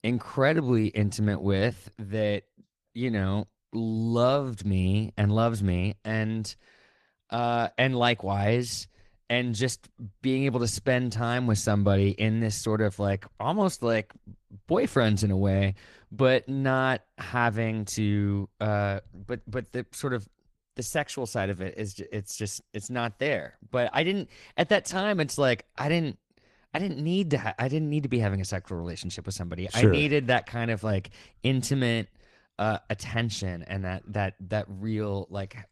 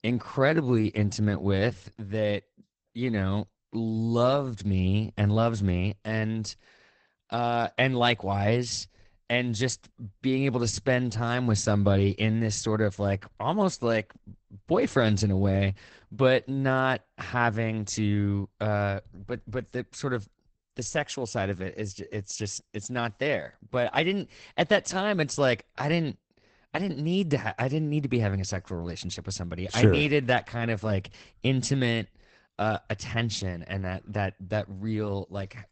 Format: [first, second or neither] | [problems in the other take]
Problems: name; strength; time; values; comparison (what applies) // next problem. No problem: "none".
first | garbled, watery; badly; nothing above 8 kHz; slightly in the first